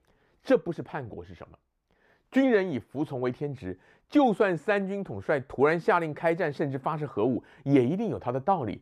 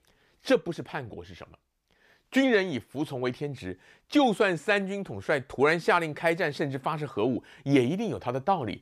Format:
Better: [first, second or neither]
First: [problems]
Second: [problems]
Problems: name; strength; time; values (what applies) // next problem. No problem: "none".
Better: second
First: muffled; slightly; fading above 2 kHz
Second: none